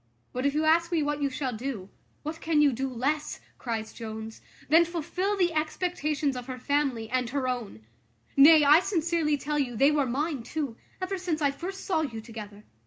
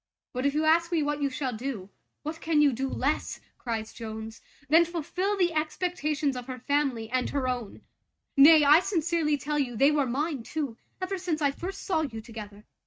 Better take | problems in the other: first | noise reduction (neural mask model RNNoise)

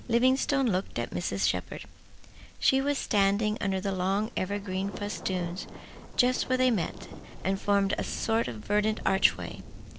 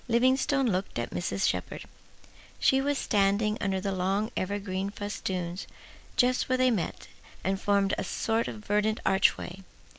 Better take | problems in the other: second | background sound (Thunder); 16 dB below the speech

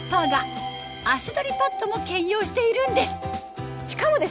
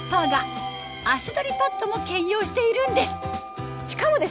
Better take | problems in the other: first | background sound (Wind instrument, woodwind instrument); 19 dB below the speech

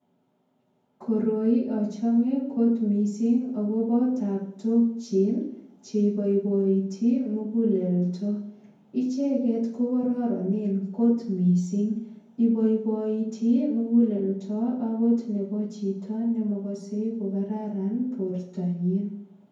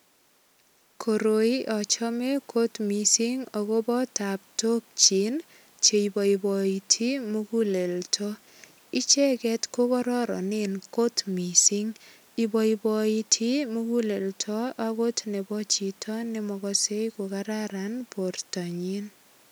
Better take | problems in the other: second | room echo; dies away in 0.9 s

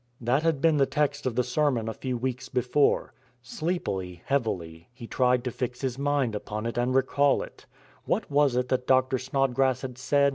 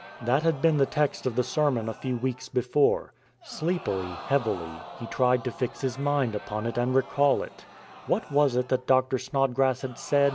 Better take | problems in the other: first | background sound (Crowd); 18 dB below the speech

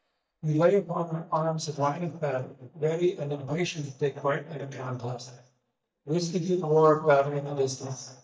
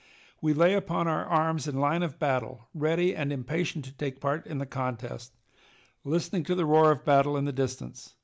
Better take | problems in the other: second | noise reduction (neural mask model DeepFilterNet 3)

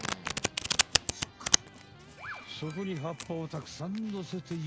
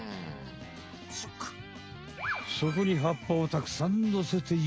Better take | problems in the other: second | background sound (Domestic sounds, home sounds); 4 dB above the speech

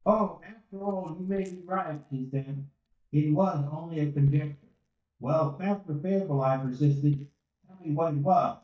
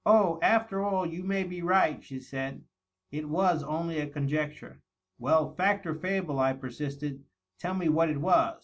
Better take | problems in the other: second | noise reduction (neural mask model DeepFilterNet 3)

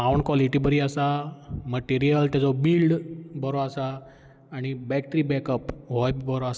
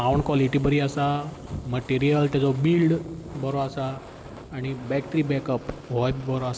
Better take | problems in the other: first | background sound (Fire); 17 dB below the speech

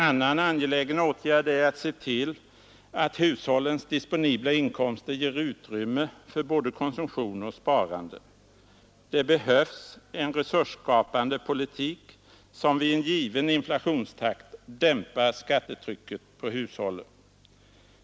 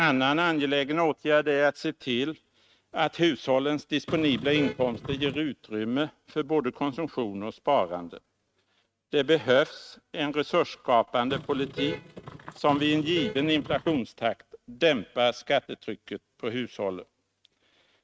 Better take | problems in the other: first | noise reduction (neural mask model RNNoise)

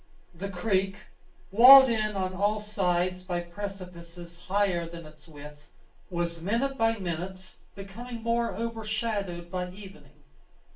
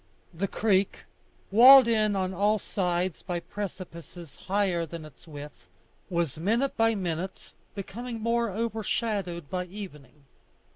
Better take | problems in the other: second | room echo; dies away in 0.3 s

